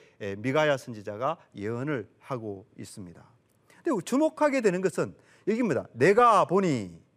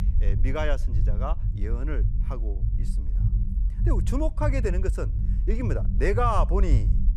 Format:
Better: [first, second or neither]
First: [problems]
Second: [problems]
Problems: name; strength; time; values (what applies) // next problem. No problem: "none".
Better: first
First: none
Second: low rumble; noticeable; throughout; 15 dB below the speech